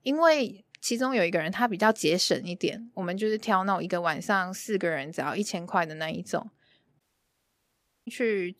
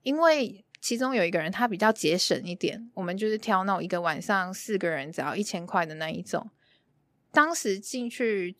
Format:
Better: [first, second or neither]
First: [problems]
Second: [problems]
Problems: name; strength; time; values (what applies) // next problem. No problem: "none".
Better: second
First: audio cutting out; at 7 s for 1 s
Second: none